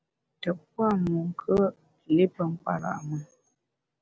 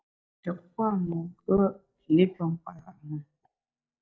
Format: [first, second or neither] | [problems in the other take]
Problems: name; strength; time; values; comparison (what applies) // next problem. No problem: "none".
first | noise reduction (neural mask model DeepFilterNet 3)